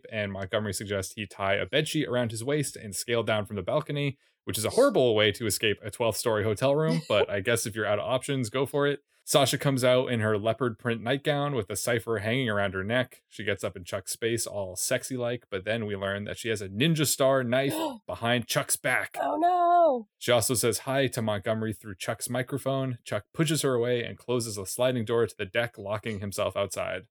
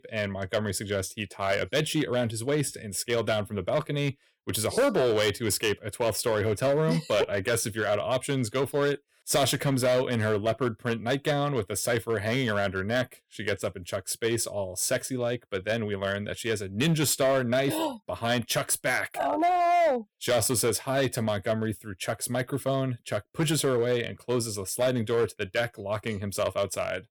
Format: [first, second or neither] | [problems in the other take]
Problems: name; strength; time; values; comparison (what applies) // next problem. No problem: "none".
first | distortion; slight; 6% of the sound clipped